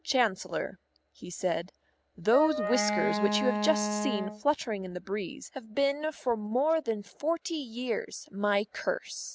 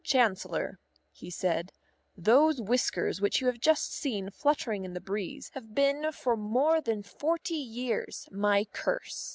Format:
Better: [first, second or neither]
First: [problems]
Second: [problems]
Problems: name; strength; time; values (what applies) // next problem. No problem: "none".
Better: second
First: background sound (Wind instrument, woodwind instrument); 2 dB below the speech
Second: none